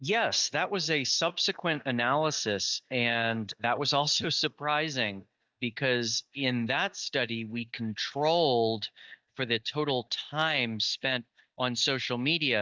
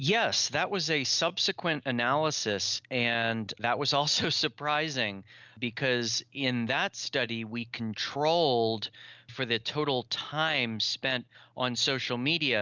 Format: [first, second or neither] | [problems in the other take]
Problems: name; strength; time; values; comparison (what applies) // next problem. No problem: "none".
second | noise reduction (neural mask model DeepFilterNet 3)